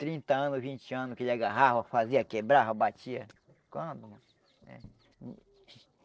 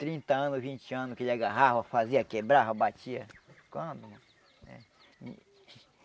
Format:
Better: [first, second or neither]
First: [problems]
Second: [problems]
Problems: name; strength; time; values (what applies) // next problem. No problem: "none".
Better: second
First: noise reduction (neural separator model SepFormer DNS4)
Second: none